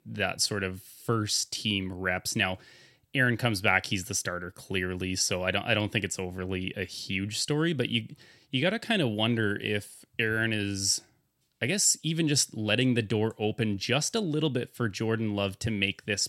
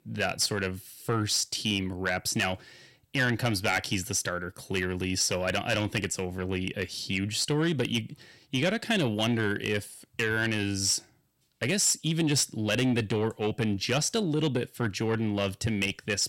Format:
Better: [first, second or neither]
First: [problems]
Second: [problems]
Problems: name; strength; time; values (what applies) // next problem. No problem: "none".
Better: first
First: none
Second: distortion; slight; 10 dB below the speech